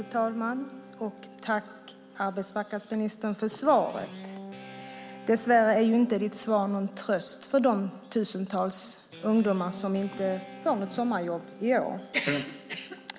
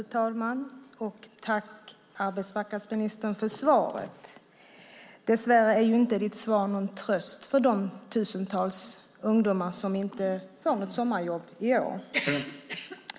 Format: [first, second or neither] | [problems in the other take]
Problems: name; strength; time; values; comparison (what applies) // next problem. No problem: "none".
second | background sound (Guitar); 18 dB below the speech